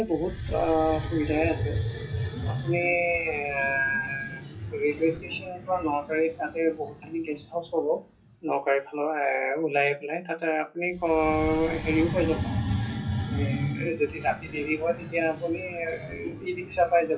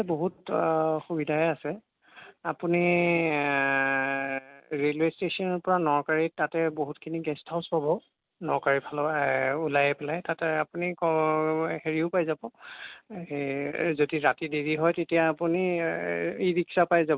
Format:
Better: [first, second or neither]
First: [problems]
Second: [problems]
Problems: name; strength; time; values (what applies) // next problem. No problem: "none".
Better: second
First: noise reduction (classical method WPE with log-MMSE)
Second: none